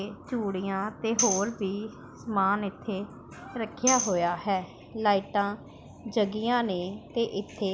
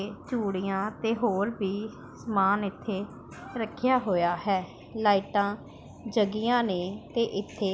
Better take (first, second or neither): second